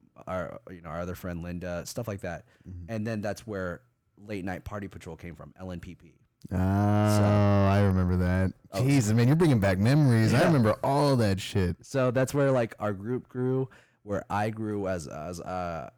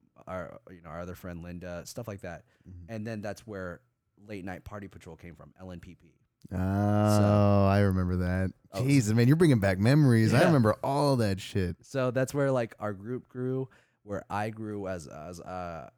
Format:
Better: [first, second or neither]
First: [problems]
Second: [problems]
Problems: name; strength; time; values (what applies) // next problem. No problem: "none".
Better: second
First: distortion; slight; 10 dB below the speech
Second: none